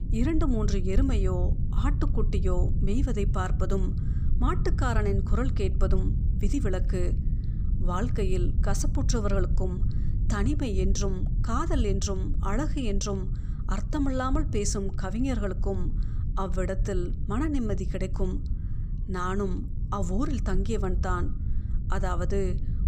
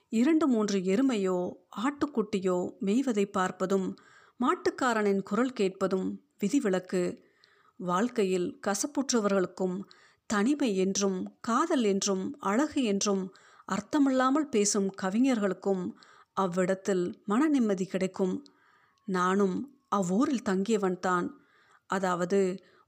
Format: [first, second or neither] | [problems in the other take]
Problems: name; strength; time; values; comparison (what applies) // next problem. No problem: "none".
second | low rumble; noticeable; throughout; 10 dB below the speech